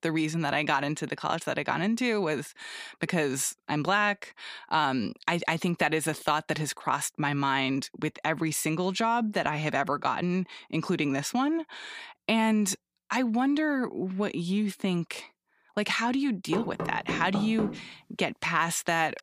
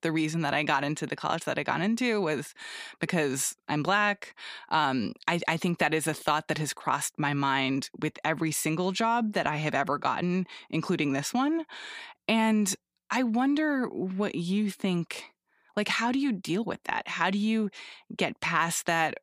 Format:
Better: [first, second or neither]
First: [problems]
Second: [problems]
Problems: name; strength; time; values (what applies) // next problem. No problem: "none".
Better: second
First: door banging; noticeable; from 17 s on; peak 6 dB below the speech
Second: none